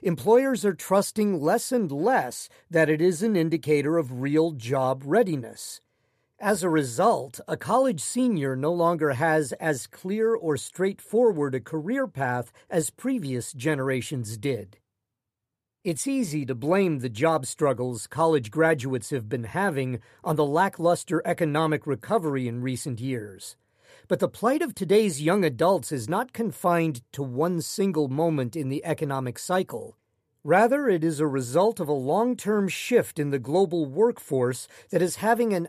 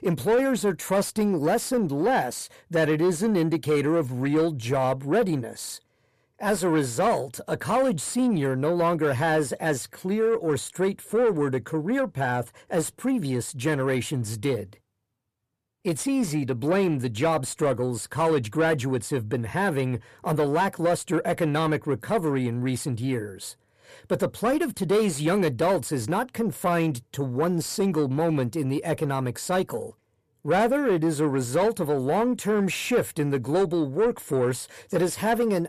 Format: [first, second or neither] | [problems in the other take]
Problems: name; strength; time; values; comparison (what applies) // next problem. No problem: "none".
first | distortion; slight; 10 dB below the speech